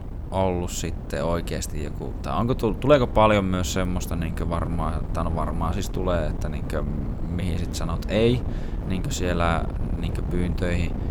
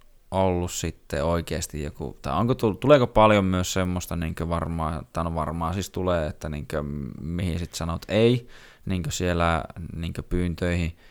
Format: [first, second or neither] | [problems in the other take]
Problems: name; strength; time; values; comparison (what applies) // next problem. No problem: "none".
second | wind noise on the microphone; occasional gusts; 15 dB below the speech